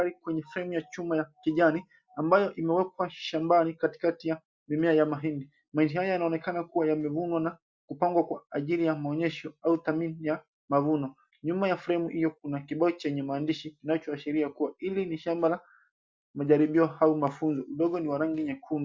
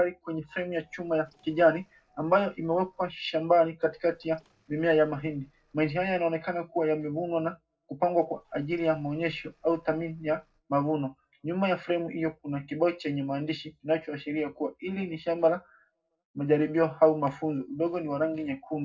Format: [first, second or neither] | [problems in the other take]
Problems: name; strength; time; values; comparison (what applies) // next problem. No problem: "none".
first | noise reduction (neural separator model SepFormer DNS4)